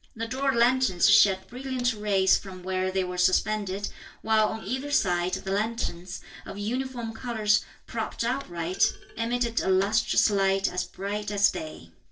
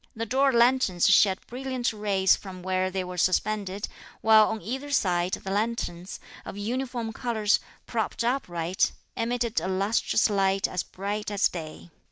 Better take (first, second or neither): second